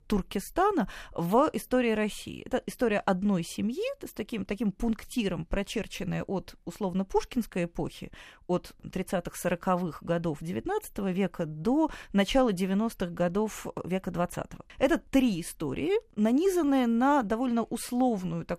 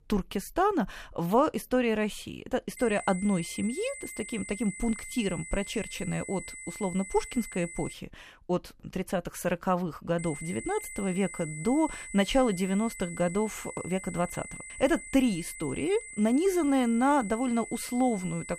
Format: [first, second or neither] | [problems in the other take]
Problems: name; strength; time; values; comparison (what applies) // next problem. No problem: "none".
first | high-pitched whine; noticeable; from 3 to 8 s and from 10 s on; 2 kHz, 10 dB below the speech